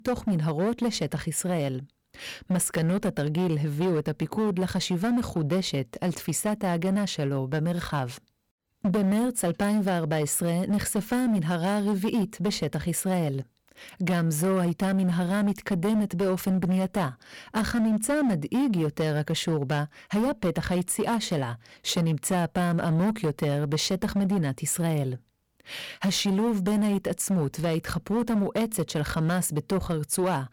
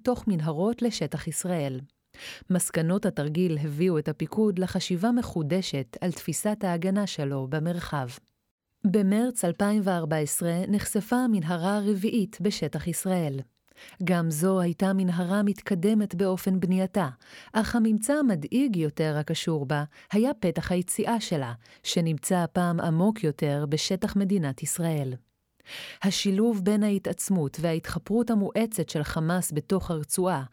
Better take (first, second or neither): second